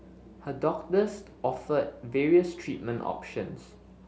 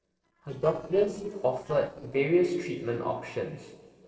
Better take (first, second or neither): first